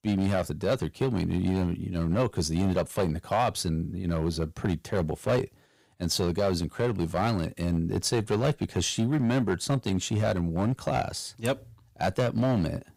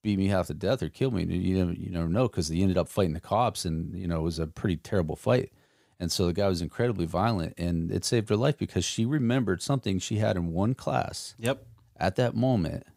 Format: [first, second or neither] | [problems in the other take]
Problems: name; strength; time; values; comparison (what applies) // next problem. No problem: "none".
second | distortion; slight; 6% of the sound clipped